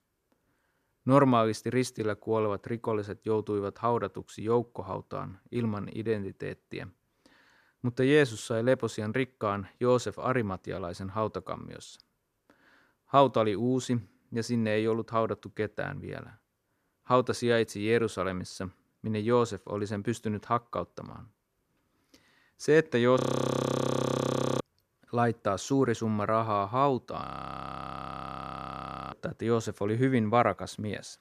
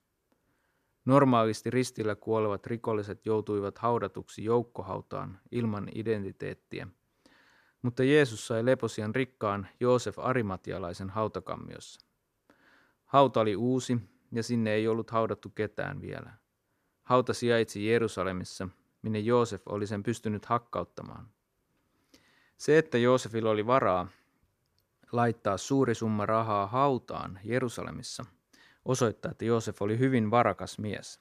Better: second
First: audio freezing; at 23 s for 1.5 s and at 27 s for 2 s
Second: none

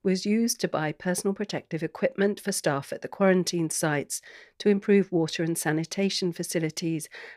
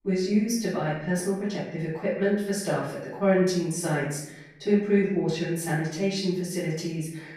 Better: first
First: none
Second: off-mic speech; far // room echo; noticeable; dies away in 0.7 s

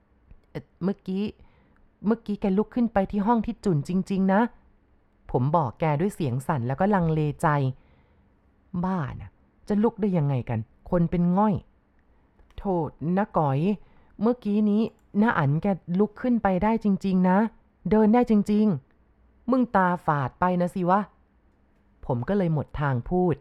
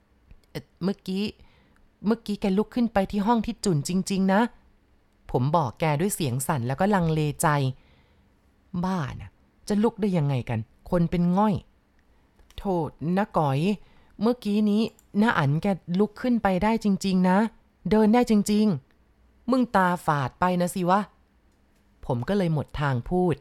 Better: second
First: muffled; slightly; fading above 3 kHz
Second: none

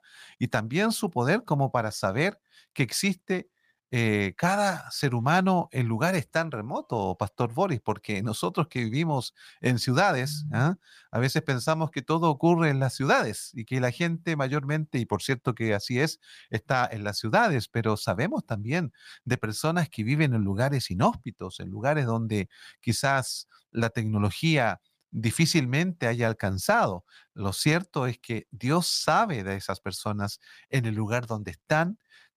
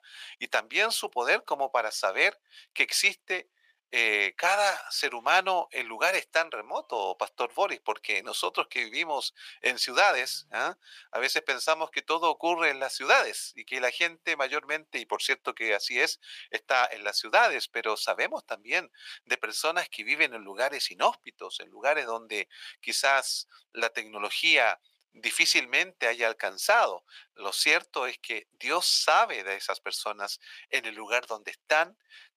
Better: first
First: none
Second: thin; very; fading below 450 Hz

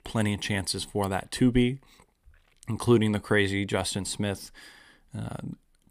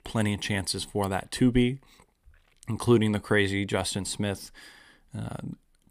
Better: neither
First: none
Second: none

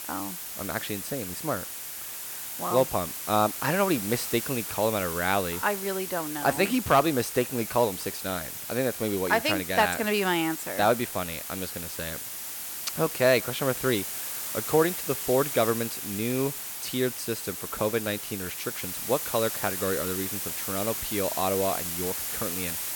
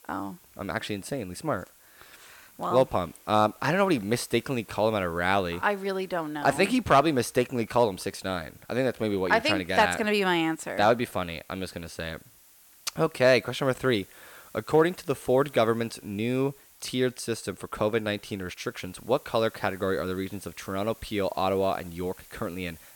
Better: second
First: hiss; loud; throughout; 4 dB below the speech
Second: hiss; faint; throughout; 25 dB below the speech

